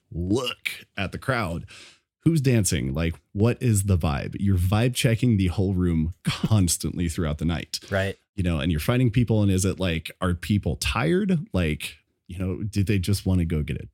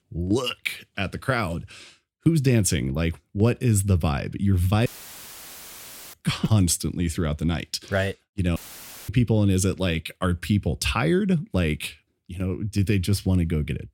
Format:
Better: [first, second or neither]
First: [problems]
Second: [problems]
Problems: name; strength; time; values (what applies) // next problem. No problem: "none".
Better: first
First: none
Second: audio cutting out; filled with static; at 5 s for 1.5 s and at 8.5 s for 0.5 s